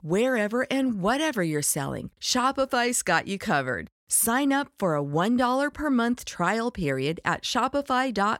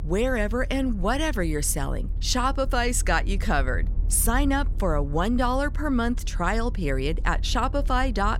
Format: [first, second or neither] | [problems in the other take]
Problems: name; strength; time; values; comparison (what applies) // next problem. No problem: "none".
first | low rumble; faint; throughout; 25 dB below the speech